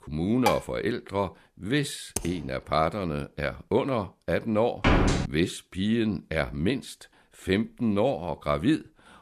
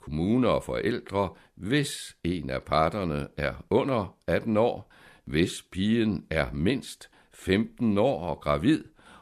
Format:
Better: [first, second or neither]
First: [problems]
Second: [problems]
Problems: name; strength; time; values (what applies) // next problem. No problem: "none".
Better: second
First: clattering dishes; noticeable; at 0.5 s; peak 2 dB below the speech // keyboard typing; noticeable; at 2 s; peak 7 dB below the speech // door banging; loud; at 5 s; peak 5 dB above the speech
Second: none